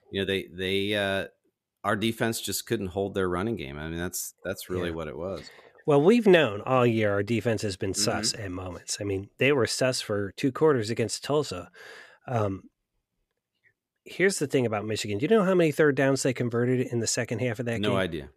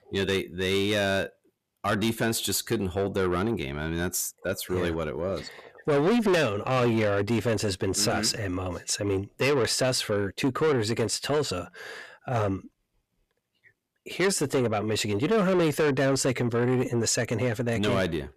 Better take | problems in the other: first | distortion; heavy; 8 dB below the speech

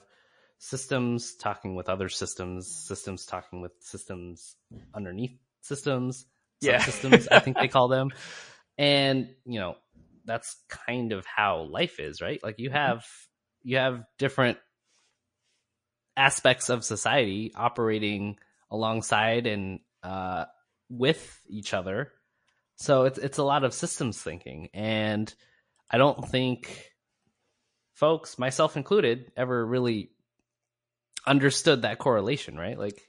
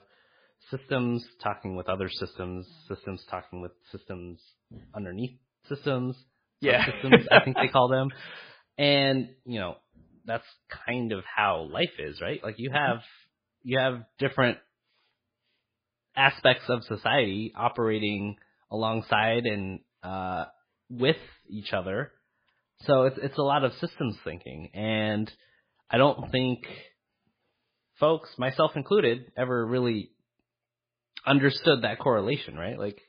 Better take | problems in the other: first | garbled, watery; badly; nothing above 4 kHz; slightly in the first

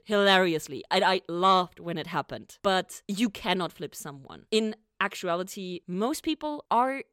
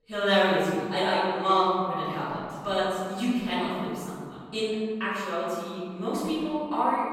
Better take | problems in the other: first | off-mic speech; far // room echo; strong; dies away in 1.8 s

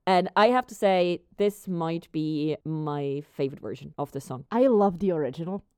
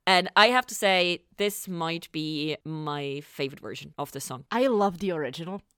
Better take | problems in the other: second | muffled; slightly; fading above 1 kHz

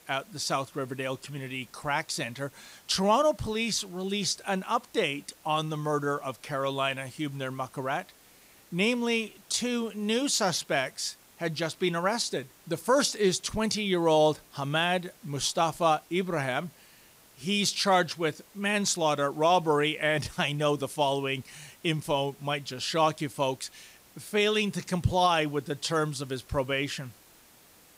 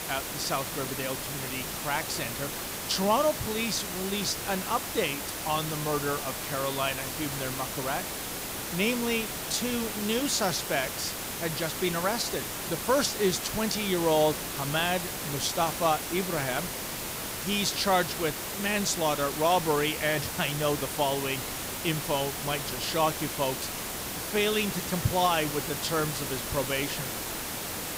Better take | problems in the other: first | hiss; loud; throughout; 3 dB below the speech; faint in the first

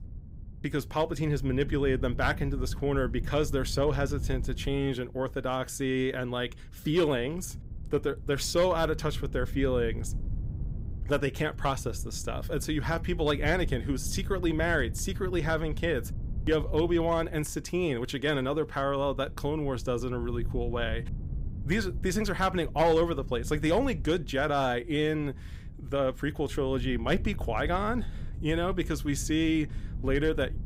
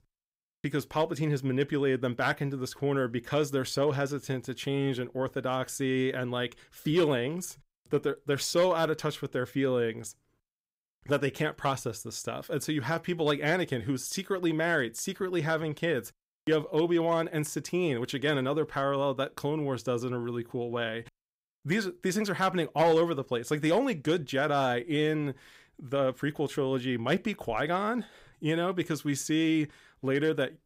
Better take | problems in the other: second | low rumble; faint; throughout; 20 dB below the speech

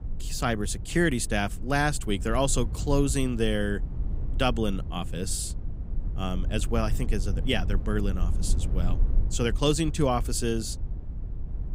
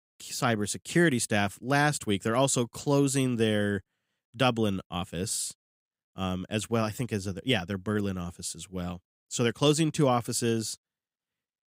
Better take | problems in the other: second | low rumble; noticeable; throughout; 20 dB below the speech

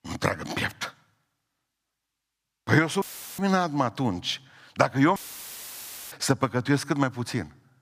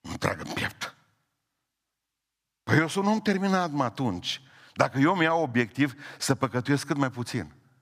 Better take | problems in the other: second | audio cutting out; filled with static; at 3 s and at 5 s for 1 s

